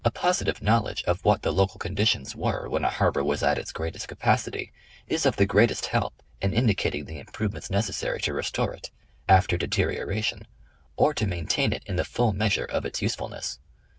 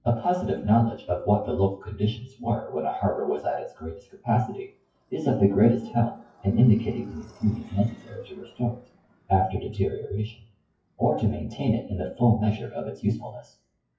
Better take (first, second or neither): first